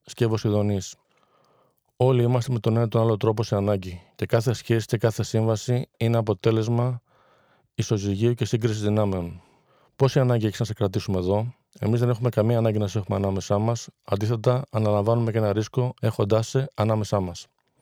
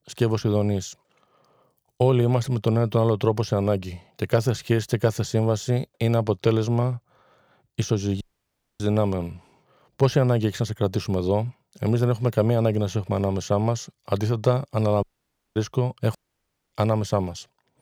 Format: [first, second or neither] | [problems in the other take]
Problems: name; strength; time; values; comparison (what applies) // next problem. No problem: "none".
first | audio cutting out; at 8 s for 0.5 s, at 15 s for 0.5 s and at 16 s for 0.5 s